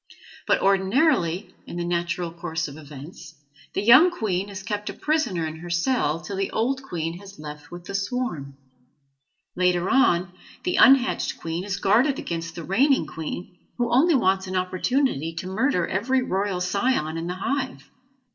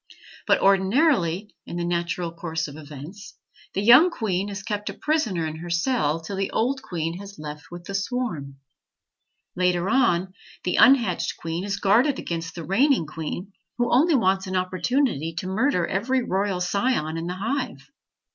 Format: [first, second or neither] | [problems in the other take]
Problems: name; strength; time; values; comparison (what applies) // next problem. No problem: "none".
second | room echo; dies away in 0.4 s